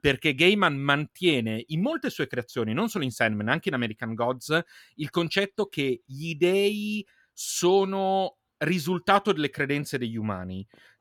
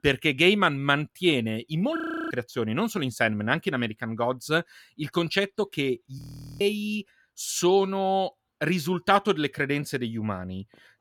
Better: first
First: none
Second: audio freezing; at 2 s and at 6 s

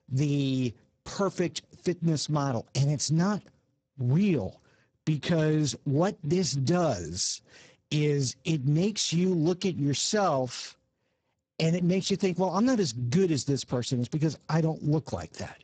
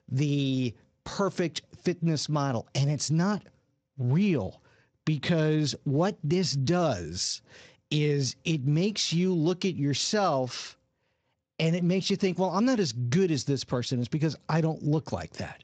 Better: second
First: garbled, watery; badly; nothing above 8 kHz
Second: garbled, watery; slightly; nothing above 7.5 kHz

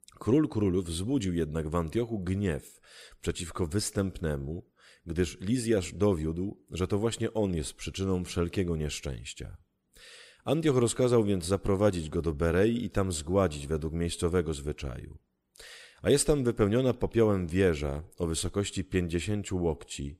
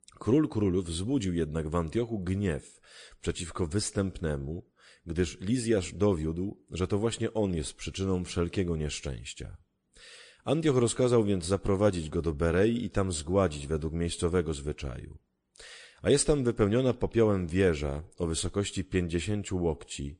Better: first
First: none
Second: garbled, watery; slightly; nothing above 8.5 kHz

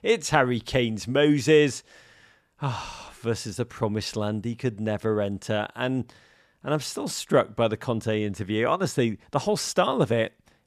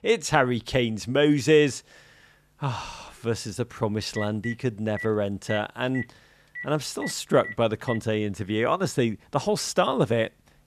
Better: first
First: none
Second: phone ringing; faint; from 4 to 8 s; peak 10 dB below the speech

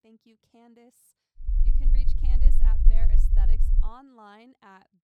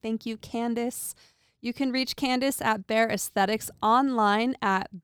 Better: second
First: low rumble; loud; from 1.5 to 4 s; 1 dB below the speech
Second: none

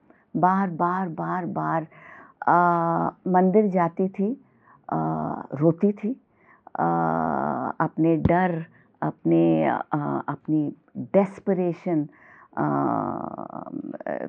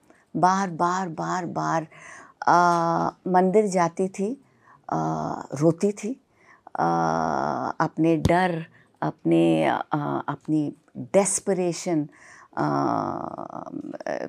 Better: second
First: muffled; very; fading above 2 kHz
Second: none

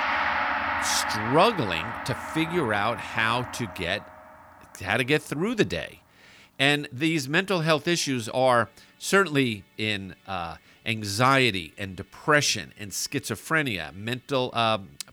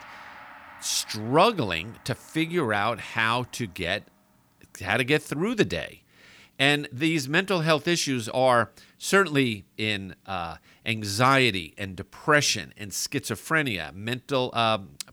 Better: second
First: background music; loud; throughout; 5 dB below the speech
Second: background music; faint; throughout; 25 dB below the speech

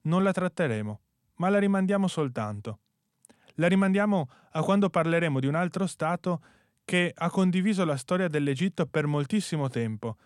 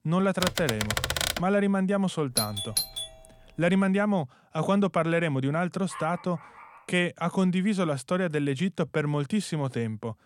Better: first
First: none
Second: keyboard typing; loud; at 0.5 s; peak 1 dB above the speech // doorbell; noticeable; at 2.5 s; peak 1 dB below the speech // dog barking; faint; at 6 s; peak 15 dB below the speech

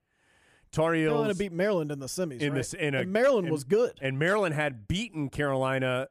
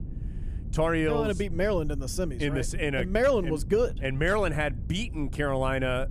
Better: first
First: none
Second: low rumble; faint; throughout; 25 dB below the speech

